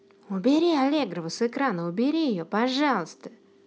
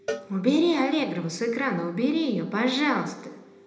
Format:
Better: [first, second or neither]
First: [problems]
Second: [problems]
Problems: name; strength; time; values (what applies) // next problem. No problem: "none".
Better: first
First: none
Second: background sound (Cowbell); 16 dB below the speech // room echo; dies away in 1 s